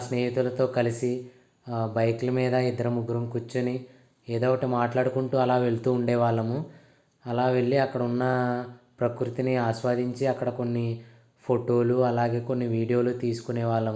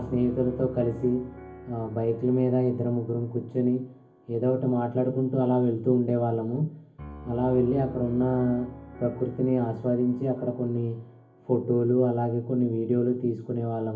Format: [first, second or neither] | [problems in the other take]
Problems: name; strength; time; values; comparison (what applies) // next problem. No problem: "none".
first | background sound (Piano); 19 dB below the speech // room echo; dies away in 0.3 s